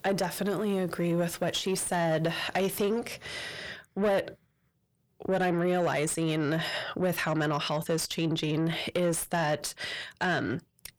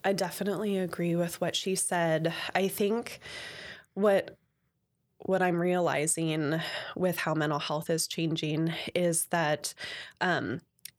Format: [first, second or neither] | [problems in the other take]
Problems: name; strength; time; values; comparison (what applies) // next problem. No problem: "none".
second | distortion; slight; 10 dB below the speech